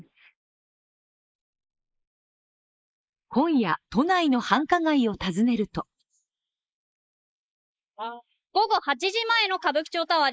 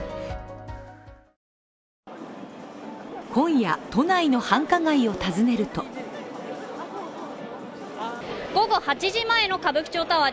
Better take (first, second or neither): second